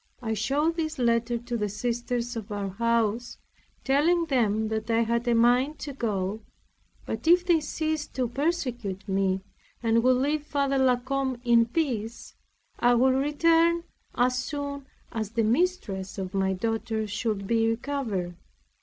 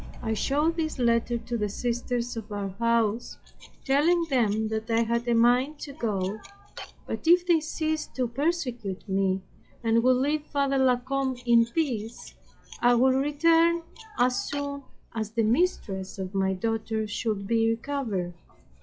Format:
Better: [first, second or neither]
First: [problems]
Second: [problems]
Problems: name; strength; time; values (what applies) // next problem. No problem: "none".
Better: first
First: none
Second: noise reduction (classical method log-MMSE)